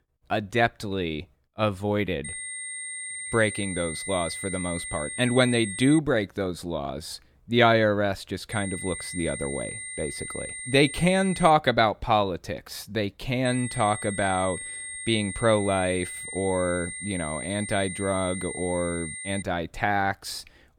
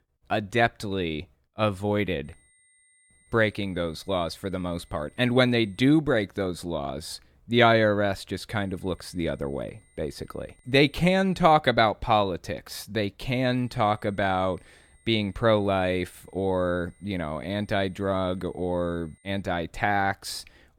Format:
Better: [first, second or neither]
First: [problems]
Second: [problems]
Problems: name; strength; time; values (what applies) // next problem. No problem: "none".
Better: second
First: high-pitched whine; loud; from 2 to 6 s, from 8.5 to 12 s and from 13 to 19 s; 2 kHz, 8 dB below the speech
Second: high-pitched whine; faint; from 2 to 6 s, from 8.5 to 12 s and from 13 to 19 s; 2 kHz, 35 dB below the speech